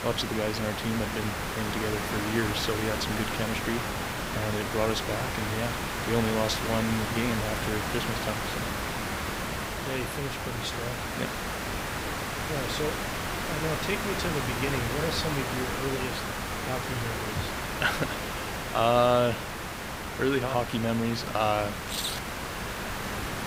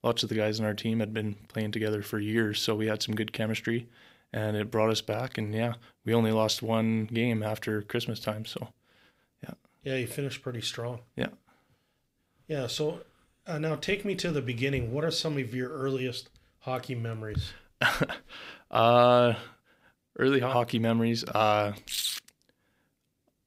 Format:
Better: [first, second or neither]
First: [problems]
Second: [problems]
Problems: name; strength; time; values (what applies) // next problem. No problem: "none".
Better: second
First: hiss; loud; throughout; 1 dB below the speech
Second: none